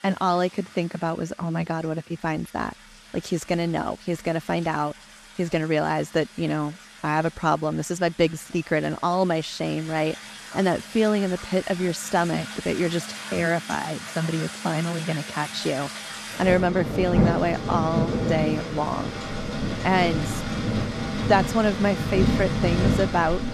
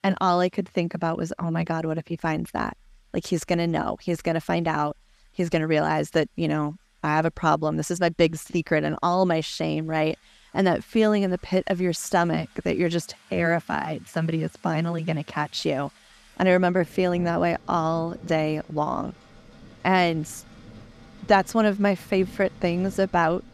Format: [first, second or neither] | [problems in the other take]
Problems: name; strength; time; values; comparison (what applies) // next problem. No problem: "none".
second | rain or running water; loud; throughout; 3 dB below the speech; faint in the second